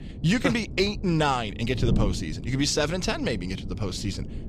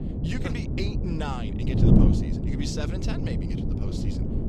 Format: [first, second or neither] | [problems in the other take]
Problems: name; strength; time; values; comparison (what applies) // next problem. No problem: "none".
first | wind noise on the microphone; heavy; 3 dB above the speech; occasional gusts in the first